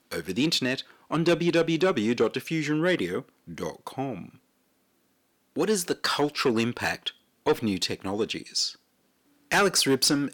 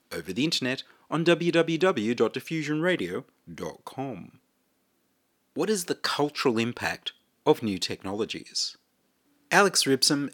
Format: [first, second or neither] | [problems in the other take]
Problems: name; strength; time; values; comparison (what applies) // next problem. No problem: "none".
second | distortion; slight; 10 dB below the speech